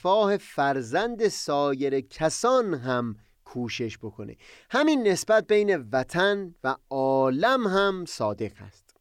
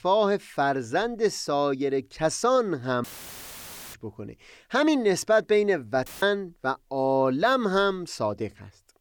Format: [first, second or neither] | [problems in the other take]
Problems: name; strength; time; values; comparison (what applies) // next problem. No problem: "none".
first | audio cutting out; filled with static; at 3 s for 1 s and at 6 s